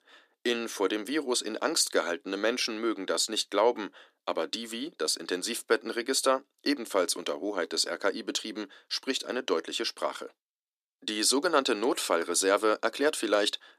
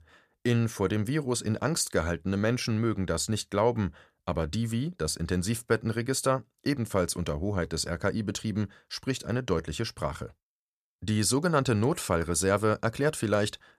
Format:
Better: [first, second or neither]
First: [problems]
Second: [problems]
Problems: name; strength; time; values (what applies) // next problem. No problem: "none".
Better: second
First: thin; somewhat; fading below 300 Hz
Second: none